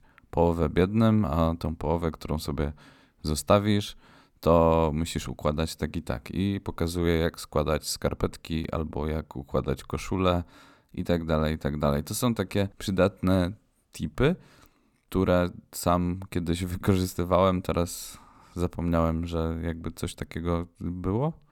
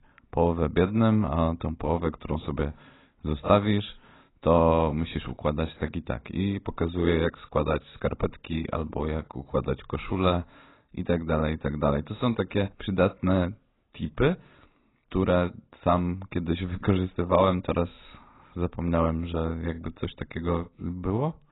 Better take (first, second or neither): first